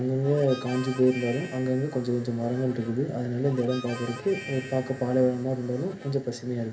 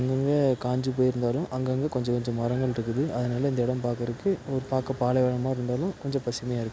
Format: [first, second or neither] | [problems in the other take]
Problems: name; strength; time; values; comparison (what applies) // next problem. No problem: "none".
second | background sound (Harmonica); 17 dB below the speech // room echo; dies away in 0.3 s